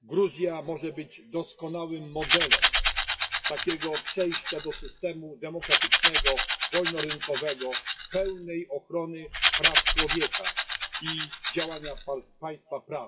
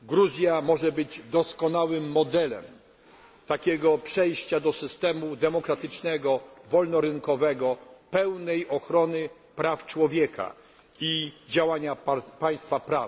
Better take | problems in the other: second | noise reduction (classical method WPE with log-MMSE)

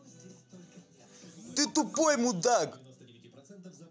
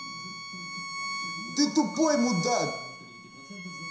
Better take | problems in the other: first | background sound (Bowed string instrument); 8 dB below the speech // room echo; dies away in 0.7 s

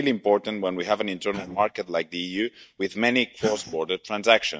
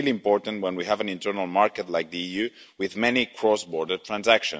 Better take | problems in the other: second | noise reduction (neural mask model DeepFilterNet 3)

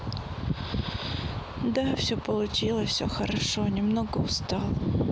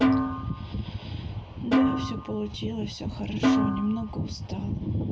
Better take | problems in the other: first | background sound (Snare drum); 2 dB above the speech // room echo; dies away in 0.2 s

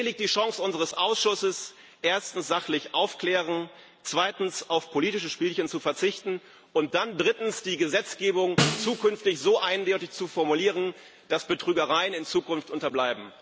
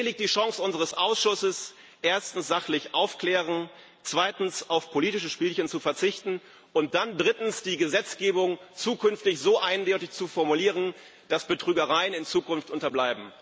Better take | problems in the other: second | background sound (Snare drum); 4 dB below the speech

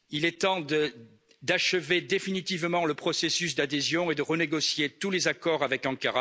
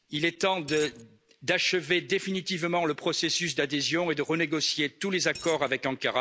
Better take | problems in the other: first | background sound (Coin (dropping)); 14 dB below the speech

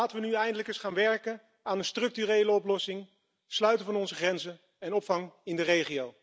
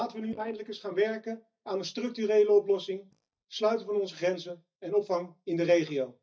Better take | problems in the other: first | noise reduction (neural mask model DeepFilterNet 3)

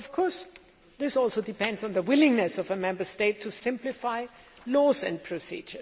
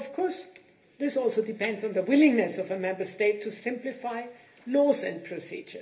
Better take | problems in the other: first | room echo; dies away in 0.3 s

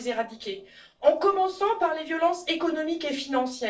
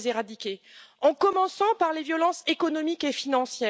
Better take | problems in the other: second | noise reduction (neural separator model SepFormer DNS4)

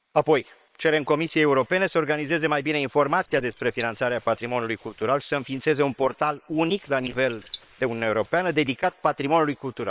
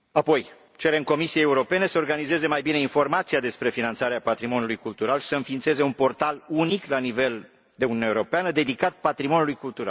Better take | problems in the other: second | noise reduction (neural separator model SepFormer WHAM!)

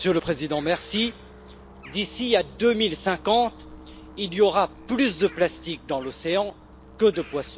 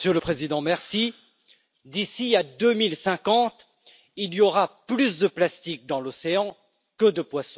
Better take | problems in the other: second | background sound (Bird vocalization, bird call, bird song + Musical instrument); 19 dB below the speech

